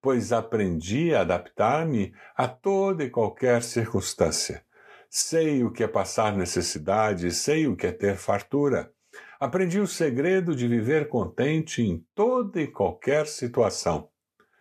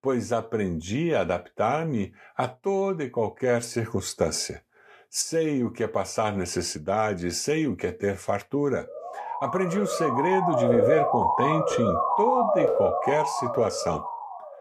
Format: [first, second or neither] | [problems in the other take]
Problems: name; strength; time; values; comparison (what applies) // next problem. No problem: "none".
first | siren; loud; from 9 s on; peak 6 dB above the speech